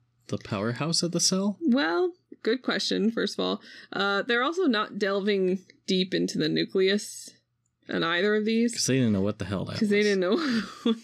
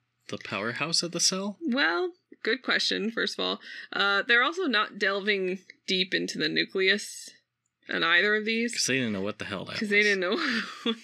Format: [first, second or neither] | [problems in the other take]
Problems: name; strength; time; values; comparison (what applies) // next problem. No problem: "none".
first | thin; somewhat; fading below 300 Hz